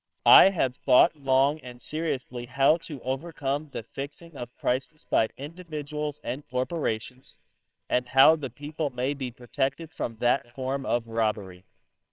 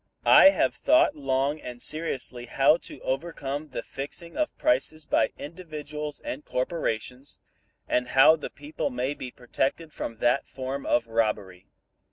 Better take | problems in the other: second | noise reduction (neural separator model SepFormer WHAMR!)

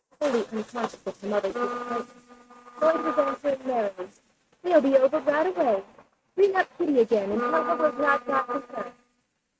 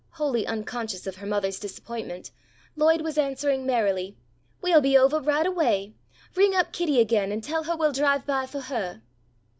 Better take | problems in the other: second | noise reduction (neural mask model RNNoise)

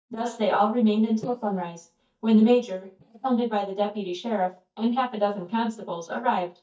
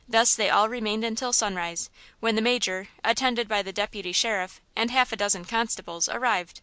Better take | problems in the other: second | noise reduction (neural mask model DeepFilterNet 3)

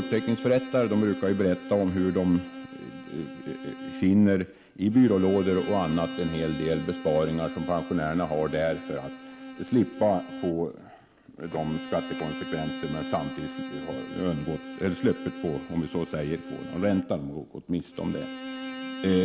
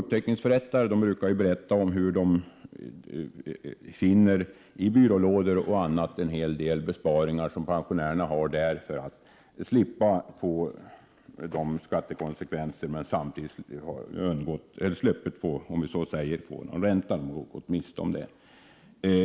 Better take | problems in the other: second | background sound (Bowed string instrument); 11 dB below the speech

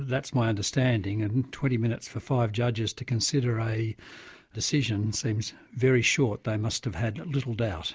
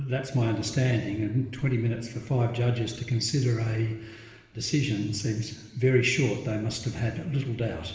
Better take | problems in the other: first | room echo; dies away in 1.1 s

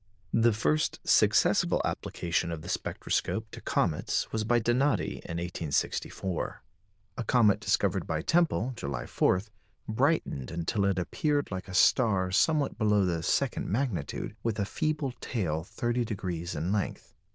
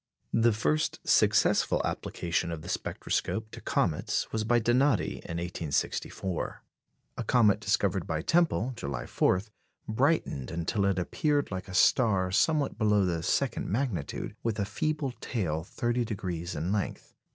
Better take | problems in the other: second | noise reduction (neural diffusion model UNIVERSE++)

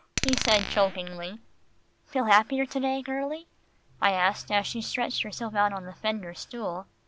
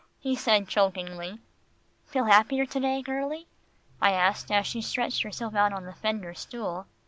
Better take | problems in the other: second | background sound (Glass); 5 dB below the speech

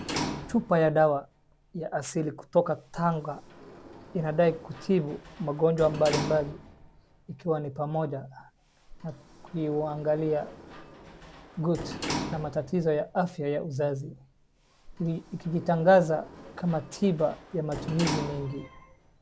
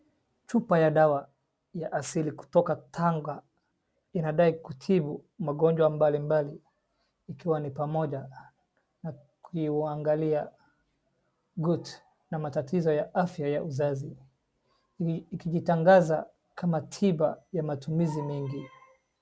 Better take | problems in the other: second | background sound (Sliding door); 12 dB below the speech

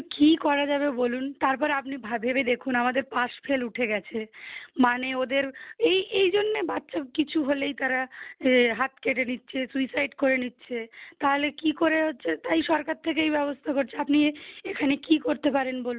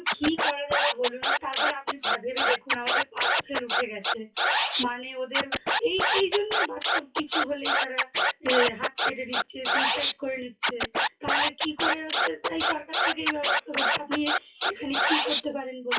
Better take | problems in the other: first | noise reduction (classical method WPE with log-MMSE)

